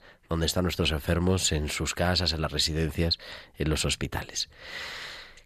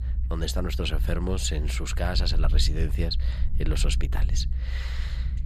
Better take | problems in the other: first | low rumble; noticeable; throughout; 15 dB below the speech

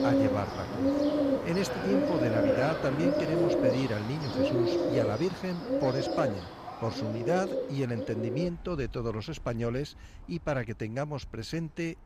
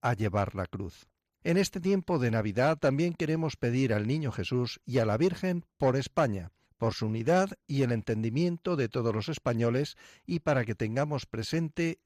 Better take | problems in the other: second | animal sounds; very loud; throughout; 2 dB above the speech

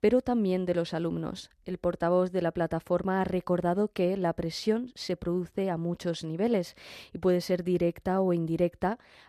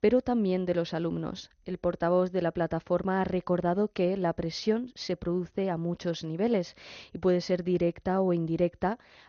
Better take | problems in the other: first | garbled, watery; slightly; nothing above 6.5 kHz

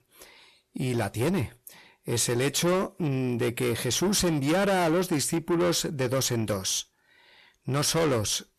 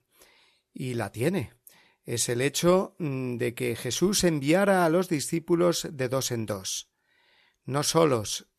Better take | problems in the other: second | distortion; heavy; 7 dB below the speech

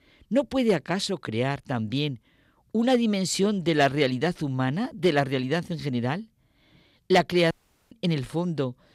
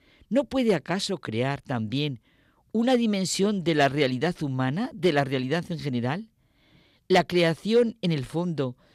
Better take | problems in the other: second | audio cutting out; at 7.5 s

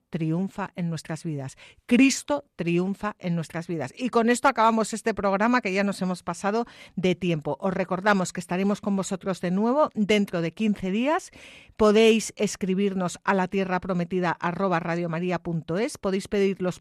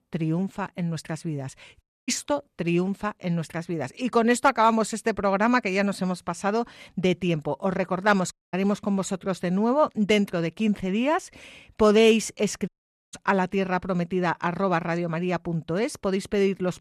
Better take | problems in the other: first | audio cutting out; at 2 s, at 8.5 s and at 13 s

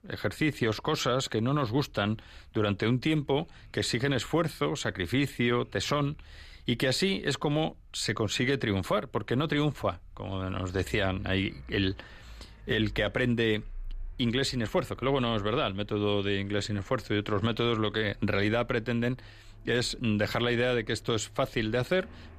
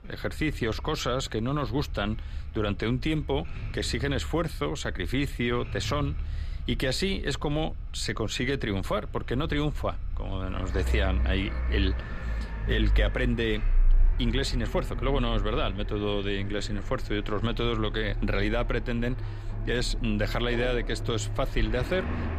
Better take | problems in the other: first | traffic noise; loud; throughout; 5 dB below the speech; faint in the first

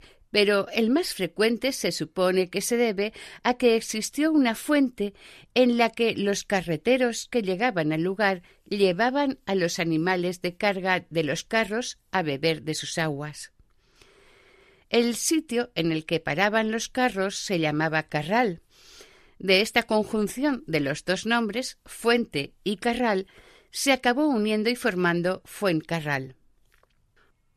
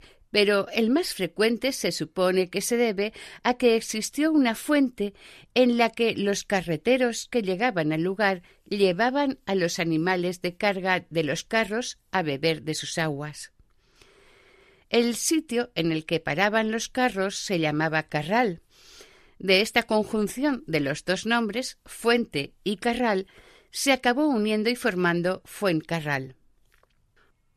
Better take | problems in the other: neither | none

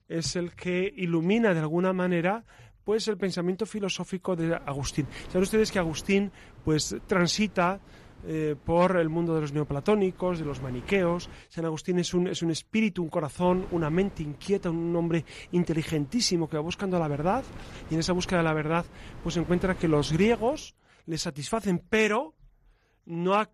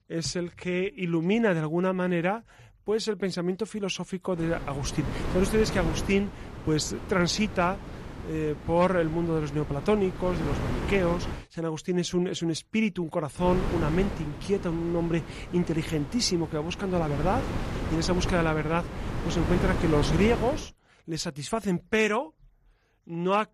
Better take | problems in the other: first | wind noise on the microphone; heavy; from 4.5 to 11 s and from 13 to 21 s; 8 dB below the speech; occasional gusts in the first

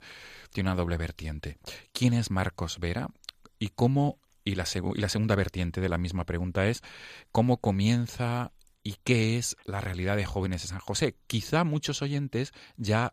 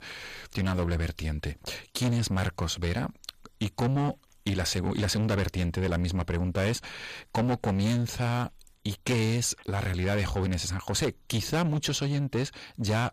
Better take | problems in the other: first | distortion; heavy; 8 dB below the speech

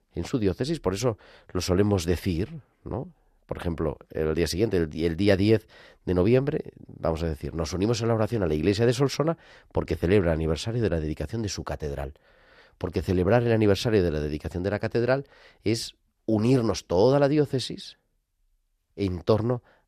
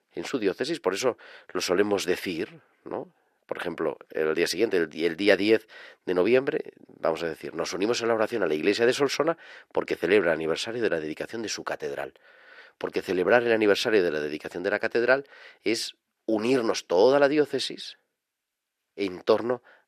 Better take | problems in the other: first | thin; somewhat; fading below 350 Hz

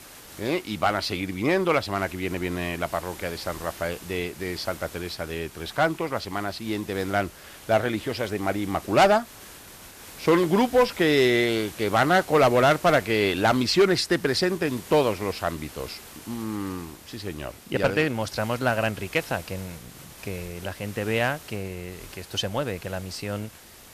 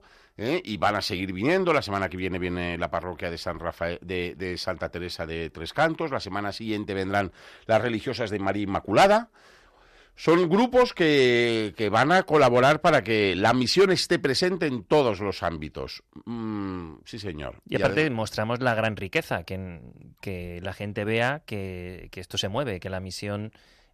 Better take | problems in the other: second | hiss; noticeable; throughout; 20 dB below the speech

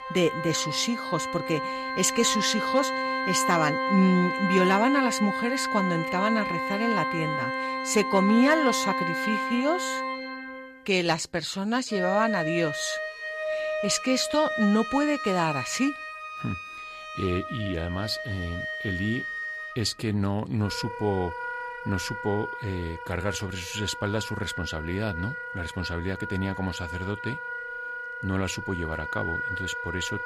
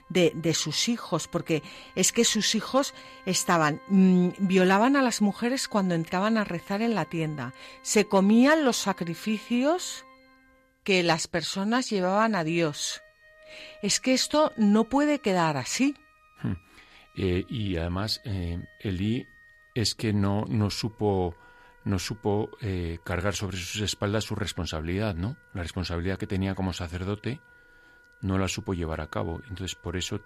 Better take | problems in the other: second | background music; loud; throughout; 3 dB below the speech; faint in the second

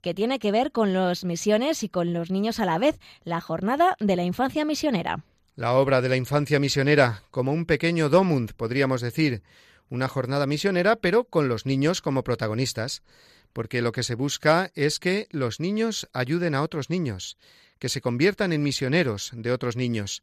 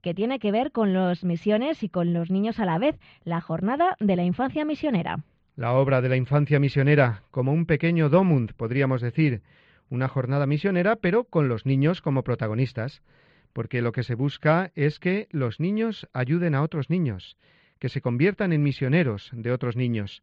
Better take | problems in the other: first | muffled; very; fading above 3 kHz

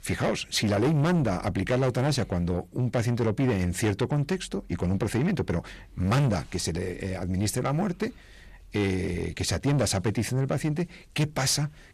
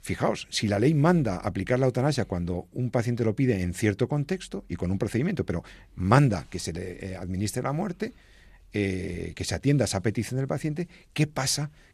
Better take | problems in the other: second | distortion; heavy; 8 dB below the speech

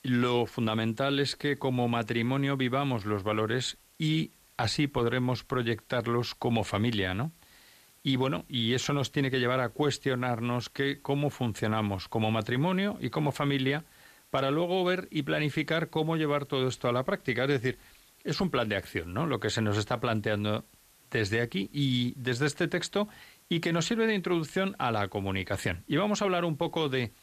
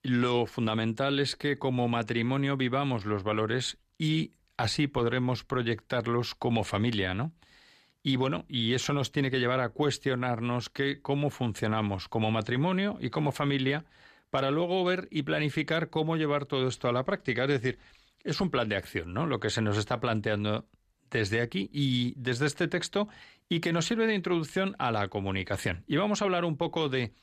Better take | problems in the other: second | hiss; faint; throughout; 30 dB below the speech

